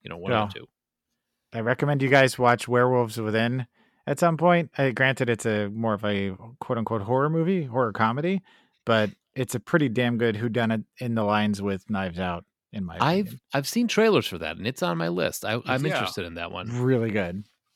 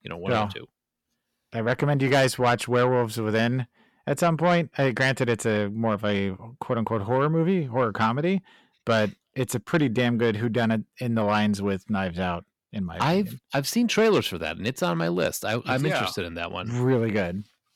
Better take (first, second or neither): first